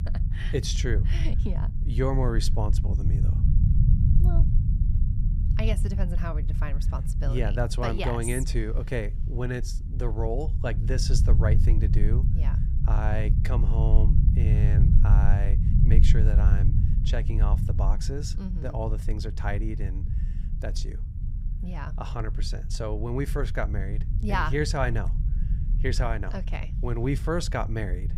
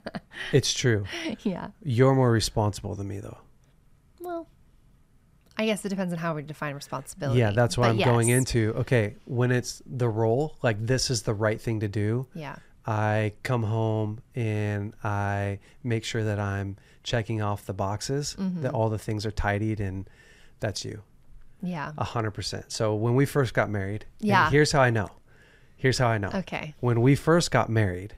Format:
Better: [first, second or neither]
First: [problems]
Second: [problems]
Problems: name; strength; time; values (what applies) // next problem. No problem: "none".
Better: second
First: low rumble; loud; throughout; 8 dB below the speech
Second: none